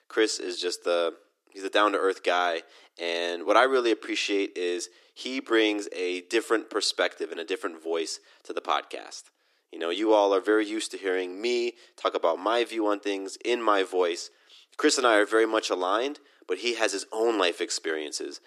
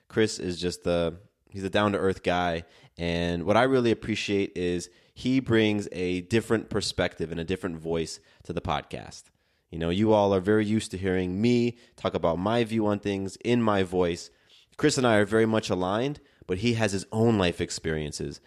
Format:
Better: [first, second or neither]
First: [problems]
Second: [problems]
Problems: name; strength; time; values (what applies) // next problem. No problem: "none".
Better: second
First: thin; very; fading below 300 Hz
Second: none